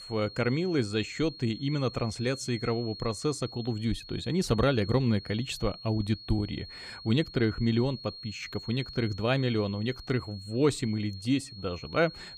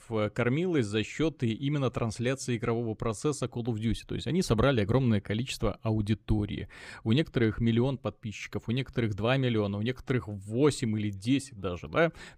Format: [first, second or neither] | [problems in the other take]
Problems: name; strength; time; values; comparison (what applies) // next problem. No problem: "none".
second | high-pitched whine; noticeable; throughout; 4.5 kHz, 15 dB below the speech